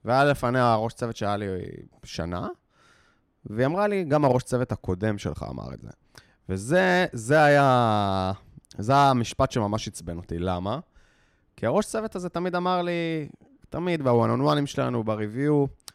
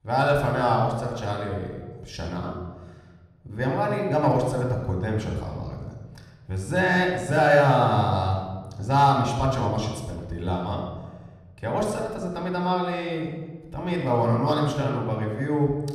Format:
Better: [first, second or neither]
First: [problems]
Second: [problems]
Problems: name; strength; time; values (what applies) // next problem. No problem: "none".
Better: first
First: none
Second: off-mic speech; somewhat distant // room echo; noticeable; dies away in 1.1 s